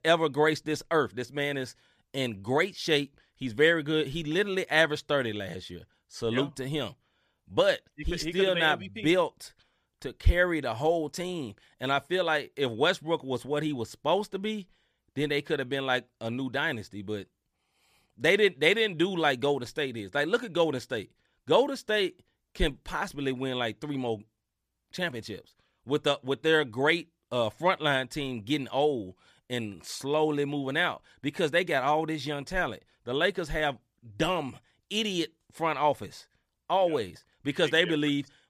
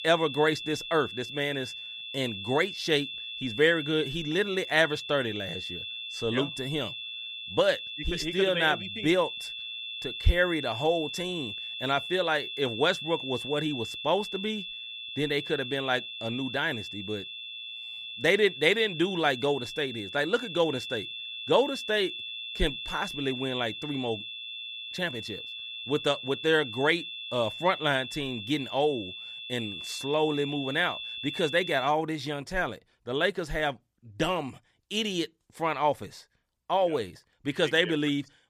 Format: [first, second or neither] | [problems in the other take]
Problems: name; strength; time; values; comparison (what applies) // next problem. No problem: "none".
first | high-pitched whine; loud; until 32 s; 3.5 kHz, 7 dB below the speech